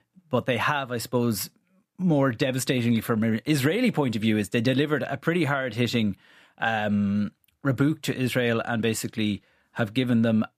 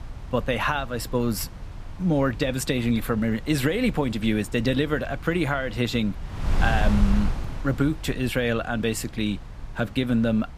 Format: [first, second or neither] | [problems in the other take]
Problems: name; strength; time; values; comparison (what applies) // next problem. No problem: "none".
first | wind noise on the microphone; occasional gusts; 15 dB below the speech